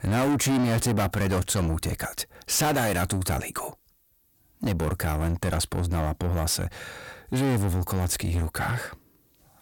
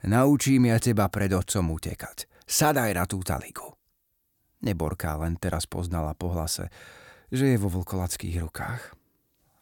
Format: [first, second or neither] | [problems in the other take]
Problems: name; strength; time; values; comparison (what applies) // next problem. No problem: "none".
second | distortion; heavy; 6 dB below the speech